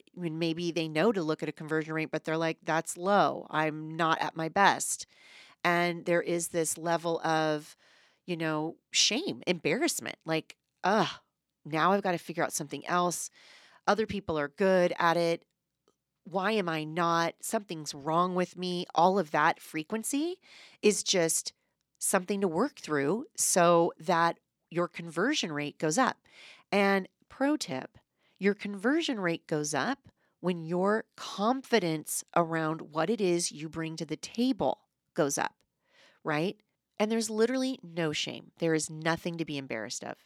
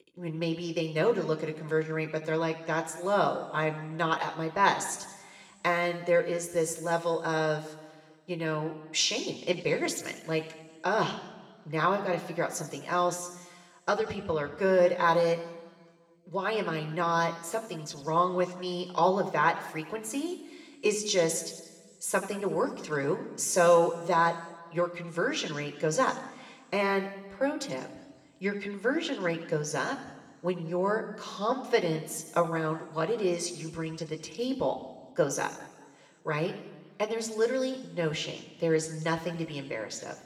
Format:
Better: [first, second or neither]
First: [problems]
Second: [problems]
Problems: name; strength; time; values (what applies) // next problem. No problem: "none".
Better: first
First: none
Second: room echo; slight; dies away in 1.4 s